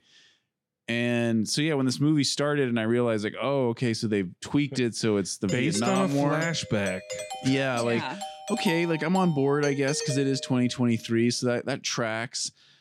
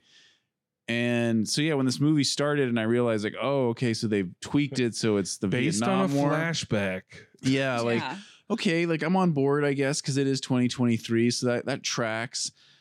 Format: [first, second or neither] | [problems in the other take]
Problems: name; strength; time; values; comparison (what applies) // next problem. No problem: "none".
second | doorbell; noticeable; from 5.5 to 11 s; peak 8 dB below the speech